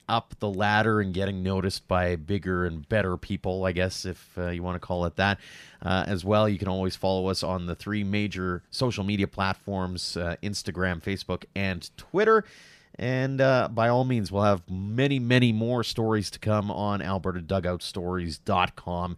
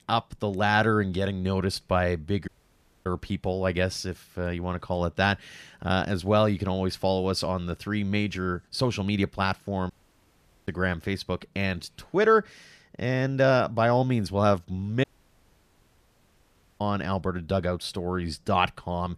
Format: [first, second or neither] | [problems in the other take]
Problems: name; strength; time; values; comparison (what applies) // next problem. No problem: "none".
first | audio cutting out; at 2.5 s for 0.5 s, at 10 s for 1 s and at 15 s for 2 s